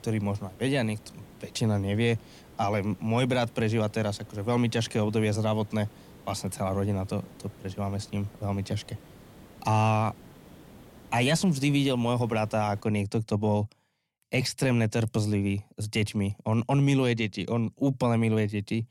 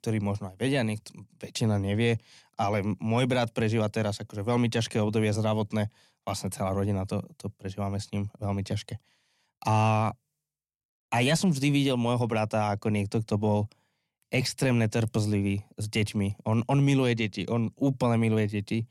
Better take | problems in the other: second | hiss; faint; until 13 s; 25 dB below the speech

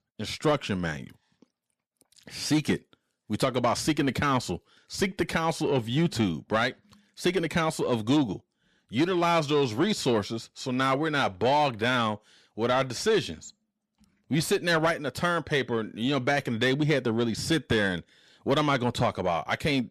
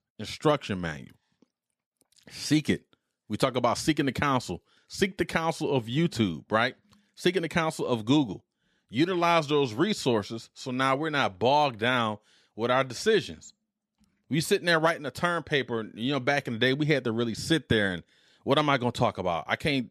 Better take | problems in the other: second | distortion; slight; 10 dB below the speech

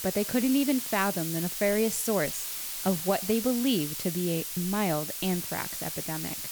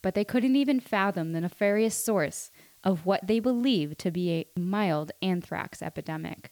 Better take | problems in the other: second | hiss; loud; throughout; 4 dB below the speech; faint in the second

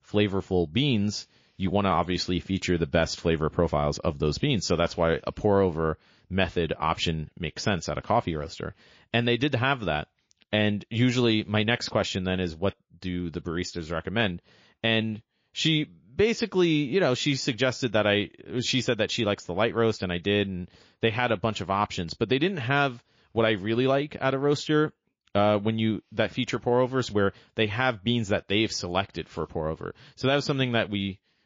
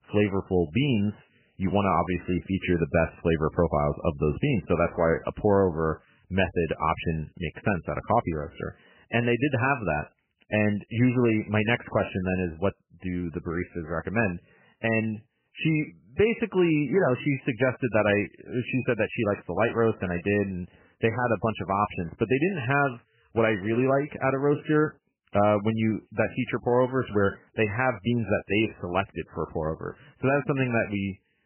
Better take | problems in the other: first | garbled, watery; badly; nothing above 3 kHz; slightly in the first

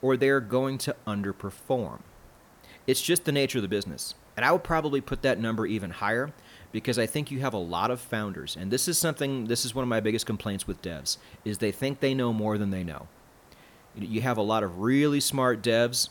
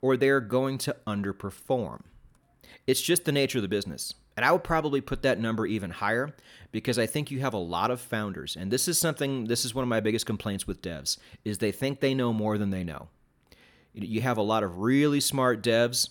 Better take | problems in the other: second | hiss; faint; throughout; 30 dB below the speech

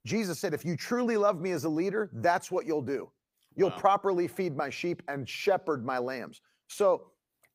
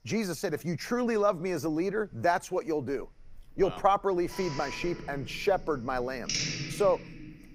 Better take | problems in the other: first | household noises; loud; throughout; 8 dB below the speech

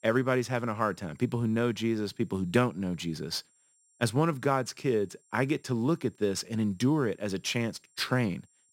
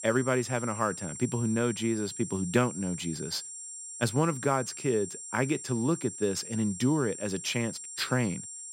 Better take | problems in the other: first | high-pitched whine; loud; throughout; 7.5 kHz, 9 dB below the speech; faint in the first

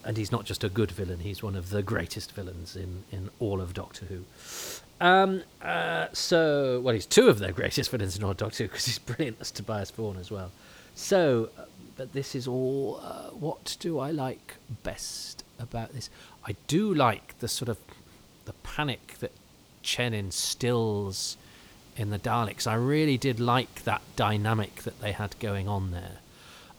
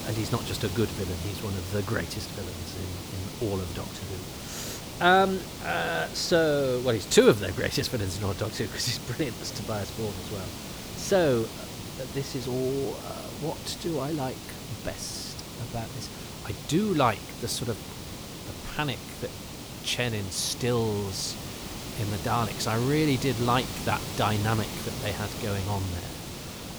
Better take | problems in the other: first | hiss; loud; throughout; 8 dB below the speech; faint in the first

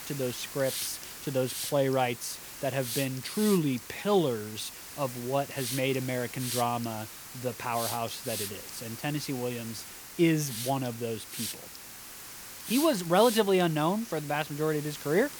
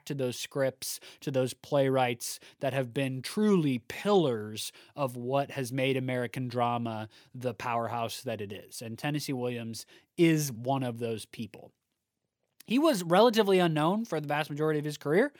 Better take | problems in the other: second | hiss; loud; throughout; 8 dB below the speech

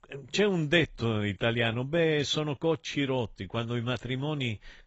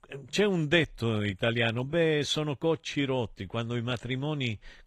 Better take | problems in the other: second | garbled, watery; badly; nothing above 7.5 kHz; slightly in the second

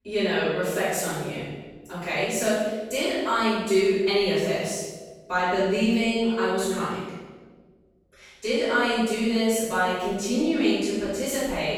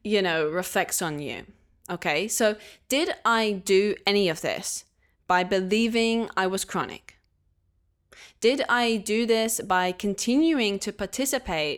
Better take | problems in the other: second | off-mic speech; far // room echo; strong; dies away in 1.2 s

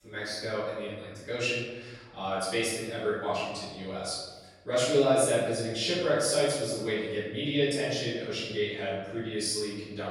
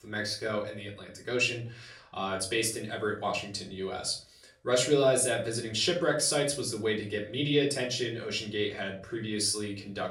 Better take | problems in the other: second | room echo; strong; dies away in 1.2 s; slight in the second // off-mic speech; far; far in the second

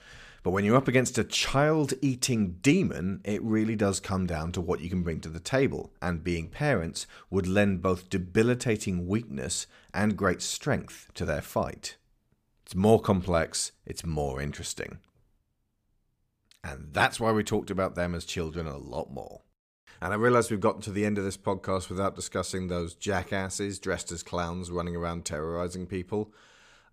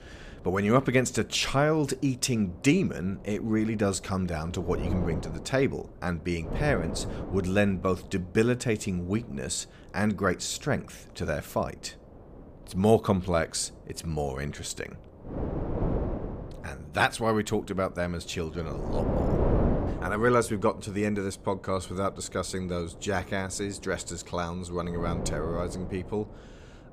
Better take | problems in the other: first | wind noise on the microphone; heavy; 8 dB below the speech

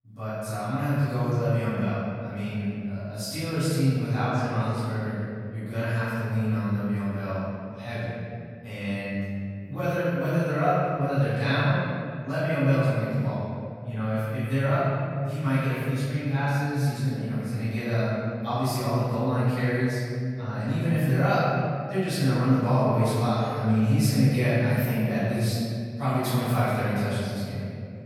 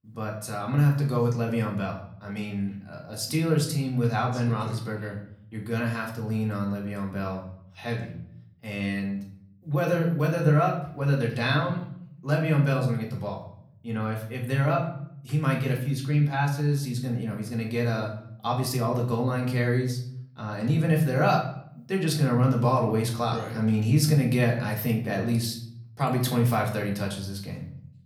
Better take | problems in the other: second | room echo; strong; dies away in 2.3 s; slight in the second // off-mic speech; far; far in the second

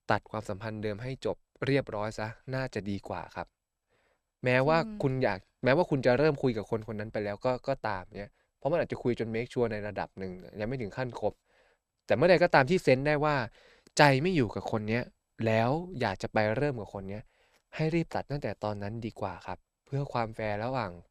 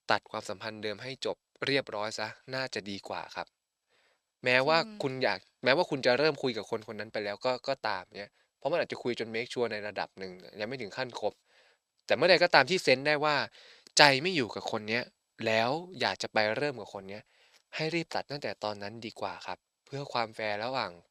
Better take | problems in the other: first | thin; very slightly; fading below 400 Hz

